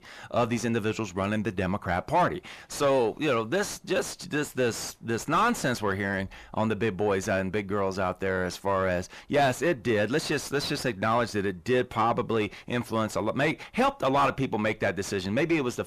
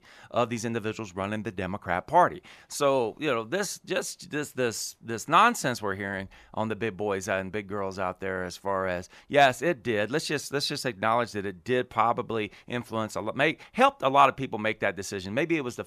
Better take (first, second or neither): second